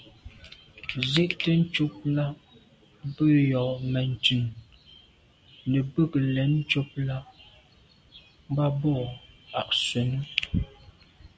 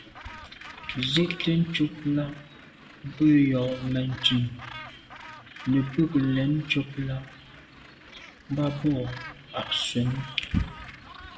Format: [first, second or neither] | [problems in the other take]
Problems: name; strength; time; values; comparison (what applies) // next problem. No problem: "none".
first | background sound (Gull, seagull); 18 dB below the speech // room echo; dies away in 0.9 s